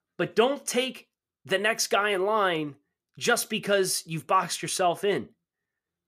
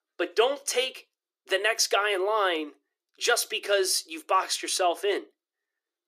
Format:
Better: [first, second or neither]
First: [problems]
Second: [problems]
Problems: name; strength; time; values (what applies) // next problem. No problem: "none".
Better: first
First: none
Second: thin; very; fading below 300 Hz